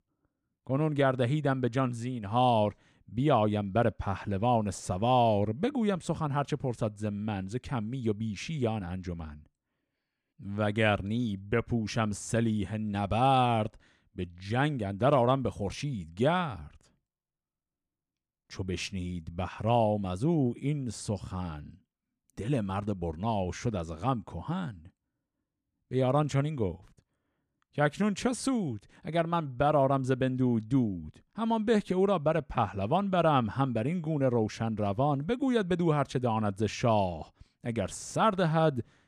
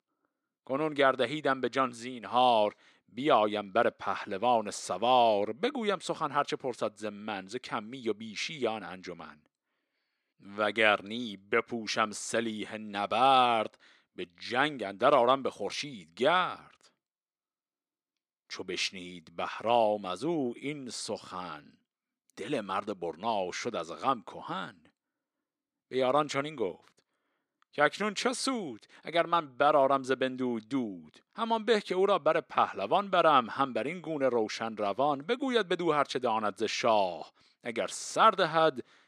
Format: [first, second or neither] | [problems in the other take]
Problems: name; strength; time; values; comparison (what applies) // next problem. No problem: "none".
first | thin; somewhat; fading below 400 Hz